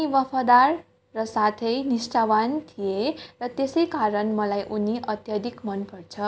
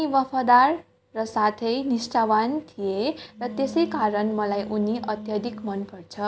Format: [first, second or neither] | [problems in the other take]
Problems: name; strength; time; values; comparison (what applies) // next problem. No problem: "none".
first | background sound (Wind instrument, woodwind instrument); 13 dB below the speech